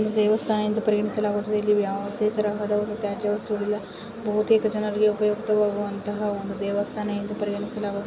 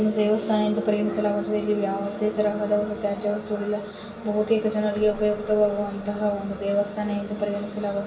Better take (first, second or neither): first